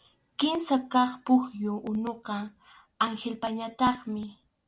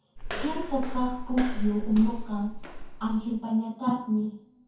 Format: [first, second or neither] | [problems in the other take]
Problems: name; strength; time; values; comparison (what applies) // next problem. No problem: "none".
first | background sound (Walk, footsteps); 3 dB below the speech // room echo; dies away in 0.6 s